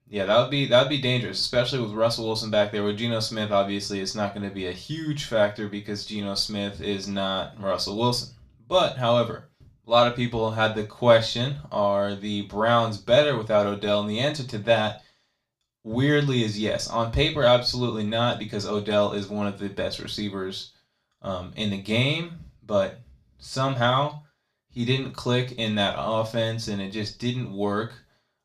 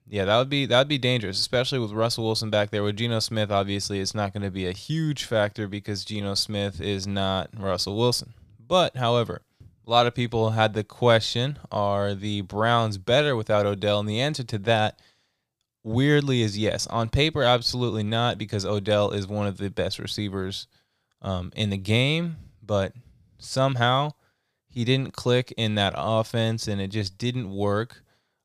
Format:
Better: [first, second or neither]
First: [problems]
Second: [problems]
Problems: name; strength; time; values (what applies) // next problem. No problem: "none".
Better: second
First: room echo; very slight; dies away in 0.3 s // off-mic speech; far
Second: none